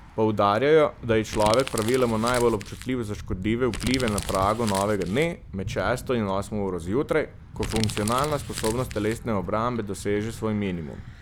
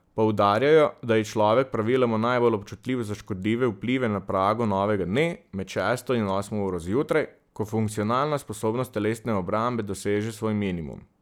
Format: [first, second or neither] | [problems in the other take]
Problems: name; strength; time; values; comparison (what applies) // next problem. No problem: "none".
second | background sound (Thunder / Bicycle + Crumpling, crinkling); 11 dB below the speech